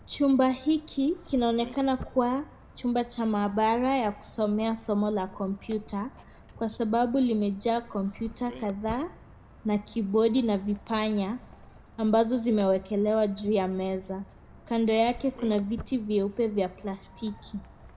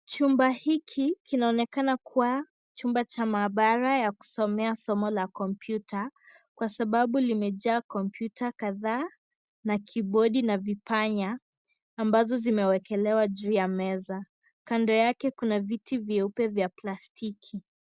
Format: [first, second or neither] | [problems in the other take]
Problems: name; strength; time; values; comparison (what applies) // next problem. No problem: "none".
second | background sound (Walk, footsteps); 20 dB below the speech // room echo; dies away in 0.7 s